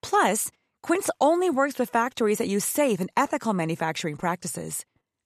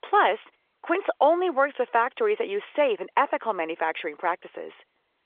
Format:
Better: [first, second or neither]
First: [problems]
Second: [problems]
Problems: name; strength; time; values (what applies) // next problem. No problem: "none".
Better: first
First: none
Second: phone-call audio; nothing above 3.5 kHz